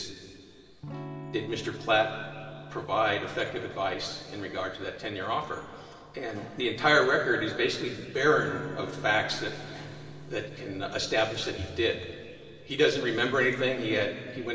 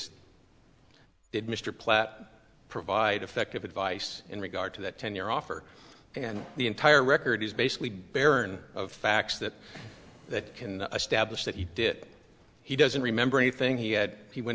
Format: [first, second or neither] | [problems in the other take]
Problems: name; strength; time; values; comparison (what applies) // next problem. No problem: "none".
second | background sound (Electric guitar / Strum); 17 dB below the speech // room echo; dies away in 2.4 s